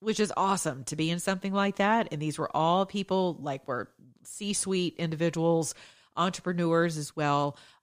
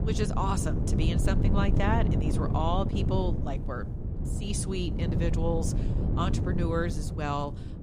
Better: first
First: none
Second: wind noise on the microphone; heavy; 6 dB below the speech

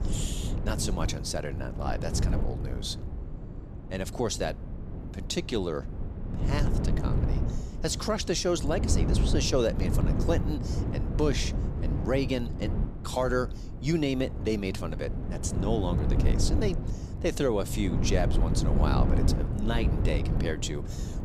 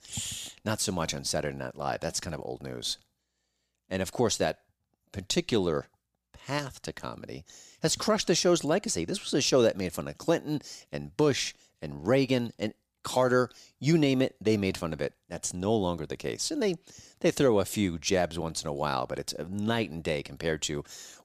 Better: second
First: wind noise on the microphone; heavy; 8 dB below the speech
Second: none

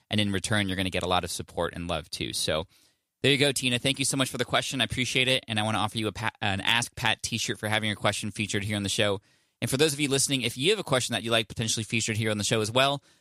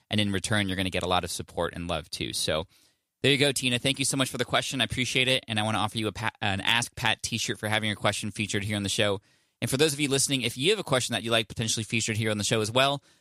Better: neither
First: none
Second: none

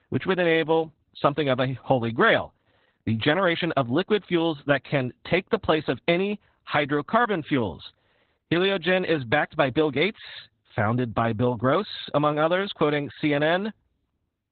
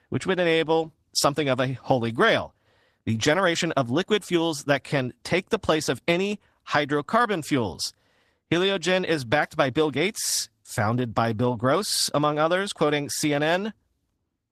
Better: second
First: garbled, watery; badly; nothing above 4 kHz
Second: garbled, watery; slightly; nothing above 14.5 kHz

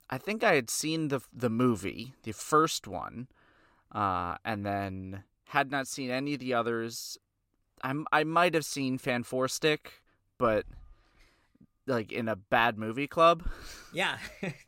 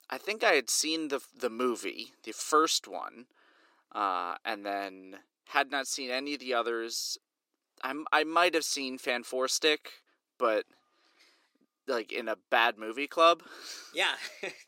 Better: first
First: none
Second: thin; somewhat; fading below 350 Hz

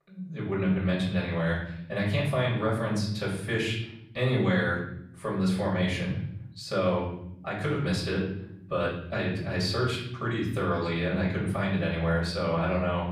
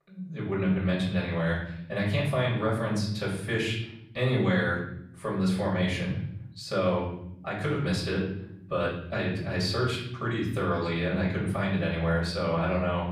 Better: neither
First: room echo; noticeable; dies away in 0.8 s // off-mic speech; far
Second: room echo; noticeable; dies away in 0.8 s // off-mic speech; far

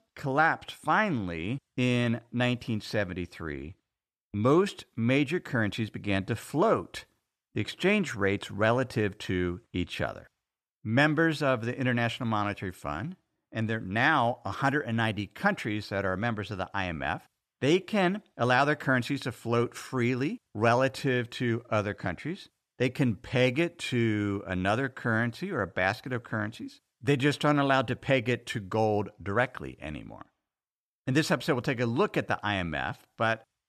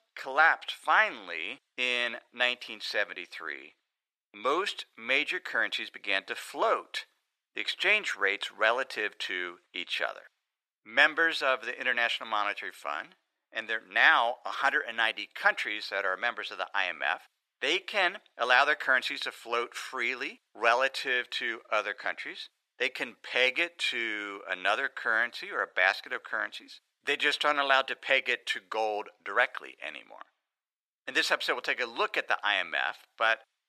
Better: first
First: none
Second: thin; very; fading below 500 Hz

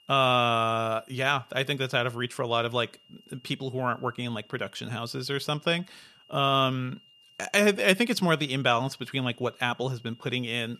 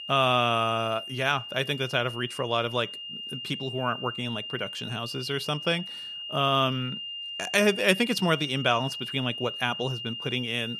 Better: first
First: high-pitched whine; faint; throughout; 3 kHz, 30 dB below the speech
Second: high-pitched whine; loud; throughout; 3 kHz, 8 dB below the speech

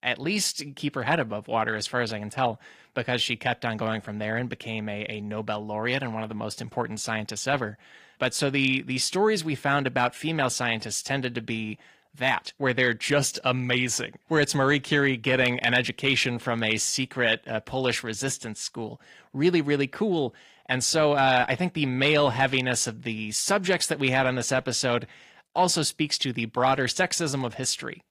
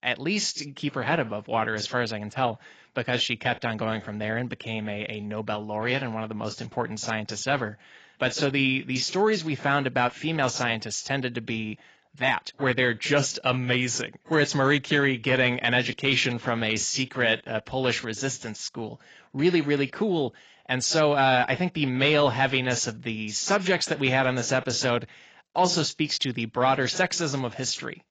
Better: first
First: garbled, watery; slightly; nothing above 15 kHz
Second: garbled, watery; badly; nothing above 7.5 kHz

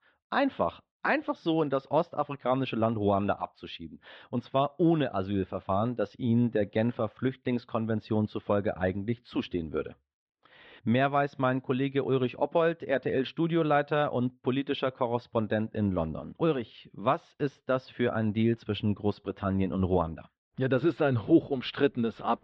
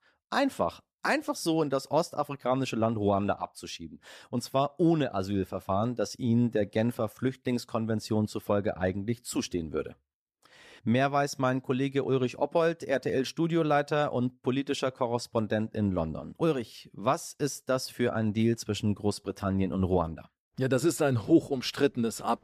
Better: second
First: muffled; very; fading above 3.5 kHz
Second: none

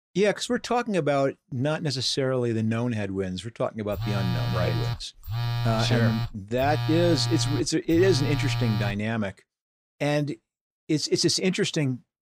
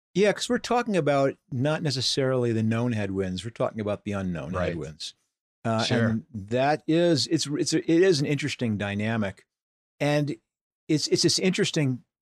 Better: second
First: phone ringing; noticeable; from 4 to 9 s; peak 1 dB below the speech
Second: none

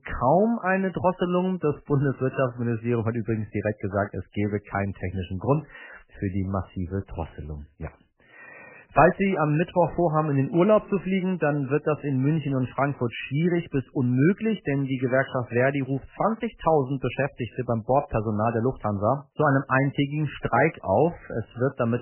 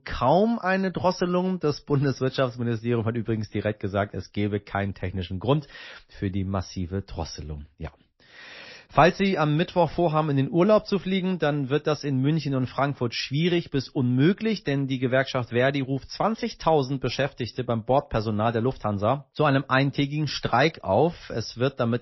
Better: second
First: garbled, watery; badly; nothing above 3 kHz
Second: garbled, watery; slightly; nothing above 5.5 kHz

